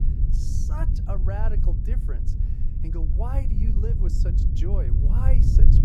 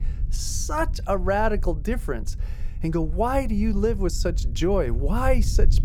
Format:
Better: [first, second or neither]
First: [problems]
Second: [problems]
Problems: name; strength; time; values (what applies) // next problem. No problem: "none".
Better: second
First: low rumble; loud; throughout; 2 dB below the speech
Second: low rumble; faint; throughout; 20 dB below the speech